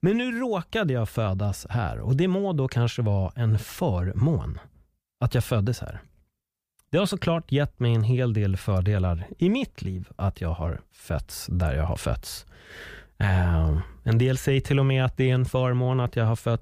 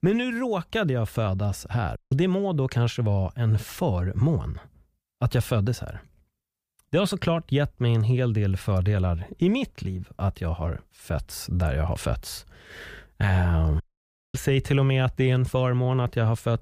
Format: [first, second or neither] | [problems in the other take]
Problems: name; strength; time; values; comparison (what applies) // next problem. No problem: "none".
first | audio cutting out; at 2 s and at 14 s for 0.5 s